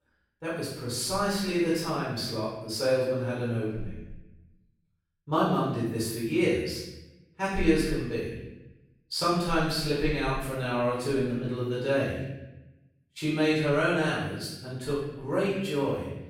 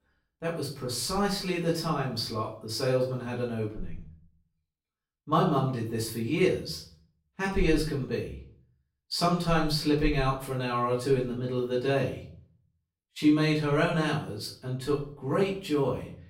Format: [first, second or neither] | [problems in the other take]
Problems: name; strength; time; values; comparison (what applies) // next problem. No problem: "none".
second | room echo; strong; dies away in 0.9 s; slight in the second // off-mic speech; far; far in the second